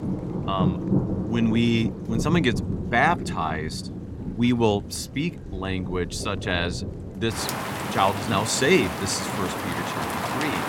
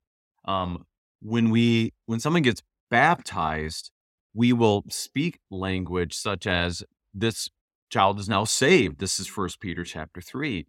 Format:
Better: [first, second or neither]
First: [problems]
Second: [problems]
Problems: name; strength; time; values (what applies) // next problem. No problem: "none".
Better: second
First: rain or running water; loud; throughout; 5 dB below the speech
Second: none